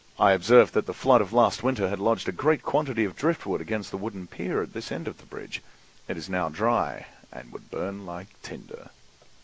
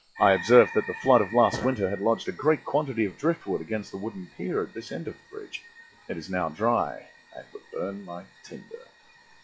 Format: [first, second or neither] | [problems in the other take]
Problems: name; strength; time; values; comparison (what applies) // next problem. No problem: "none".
first | noise reduction (classical method log-MMSE)